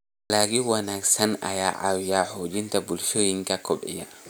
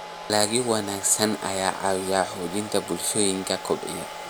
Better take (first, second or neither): first